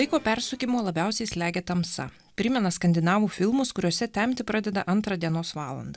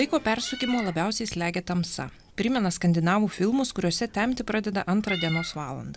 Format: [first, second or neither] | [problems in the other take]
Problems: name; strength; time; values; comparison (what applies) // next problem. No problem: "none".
first | background sound (Meow); 15 dB below the speech